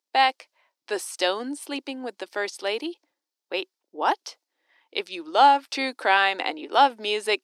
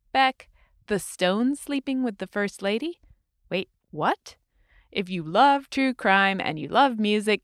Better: second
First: thin; somewhat; fading below 300 Hz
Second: none

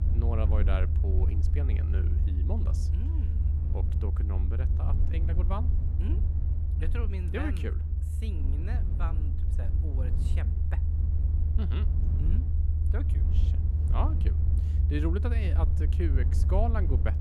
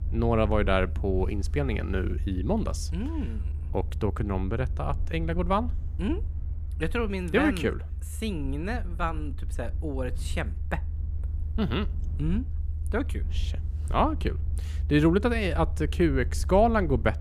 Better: second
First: low rumble; loud; throughout; 4 dB below the speech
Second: low rumble; faint; throughout; 20 dB below the speech

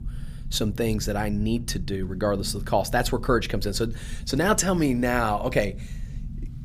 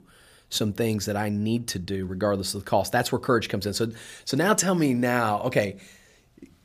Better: second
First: low rumble; faint; throughout; 25 dB below the speech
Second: none

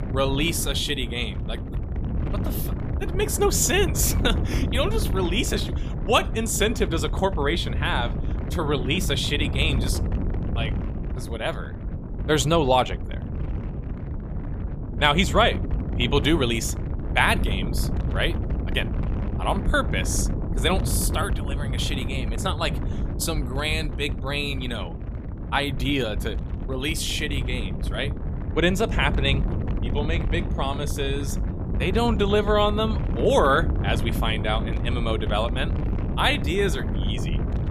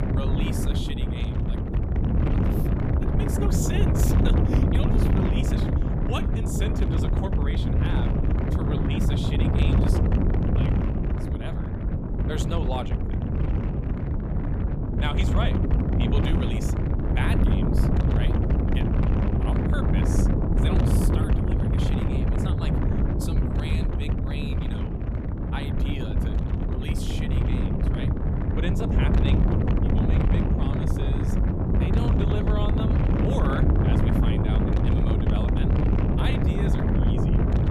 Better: first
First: wind noise on the microphone; occasional gusts; 15 dB below the speech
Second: wind noise on the microphone; heavy; 4 dB above the speech

